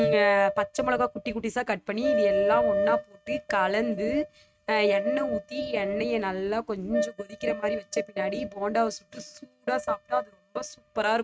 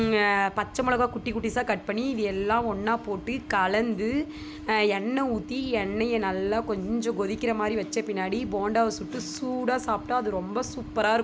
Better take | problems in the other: second | noise reduction (neural mask model RNNoise)

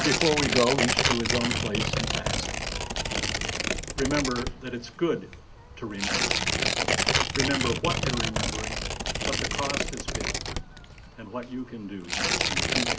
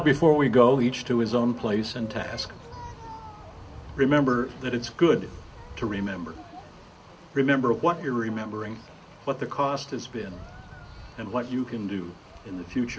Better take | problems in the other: second | background sound (Tearing); 4 dB above the speech

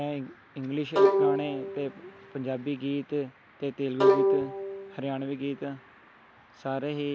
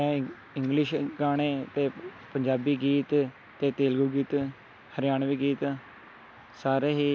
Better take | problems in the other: second | background sound (Bowed string instrument); 4 dB above the speech

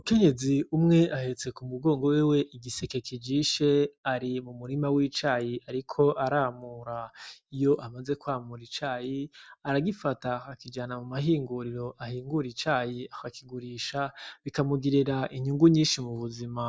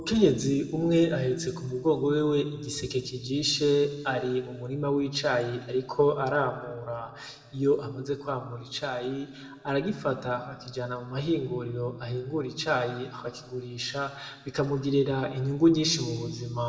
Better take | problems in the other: first | room echo; dies away in 1.7 s

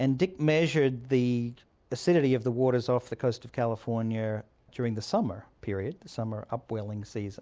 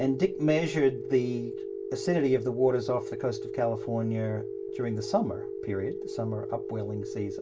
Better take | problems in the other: first | background sound (Telephone); 7 dB below the speech // room echo; dies away in 0.2 s

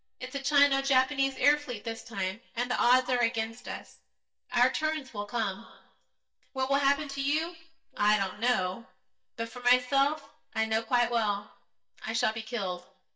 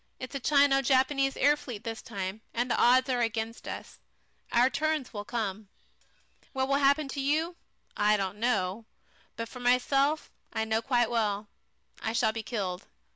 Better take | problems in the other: second | noise reduction (neural mask model DeepFilterNet 3)

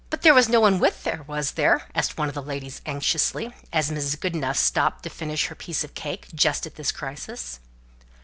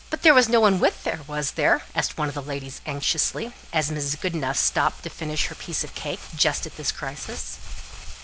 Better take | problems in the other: first | background sound (Crumpling, crinkling); 13 dB below the speech

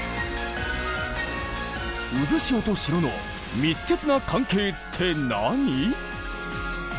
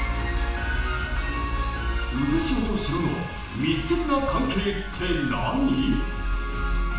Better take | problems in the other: first | room echo; dies away in 0.7 s

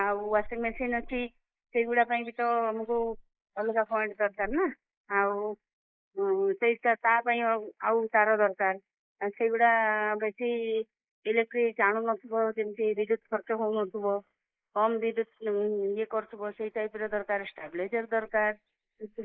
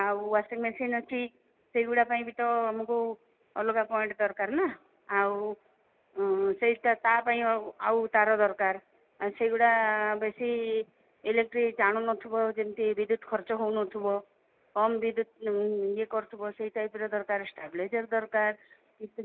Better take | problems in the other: second | noise reduction (neural mask model Resemble Enhance denoiser)

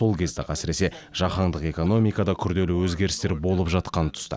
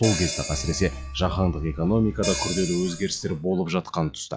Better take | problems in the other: first | noise reduction (classical method log-MMSE)

